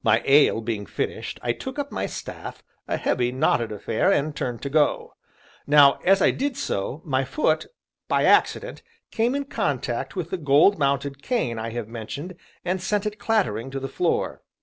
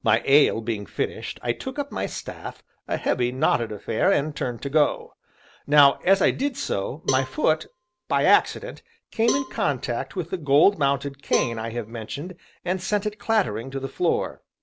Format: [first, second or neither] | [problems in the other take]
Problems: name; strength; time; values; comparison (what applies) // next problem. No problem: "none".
first | background sound (Cowbell); 11 dB below the speech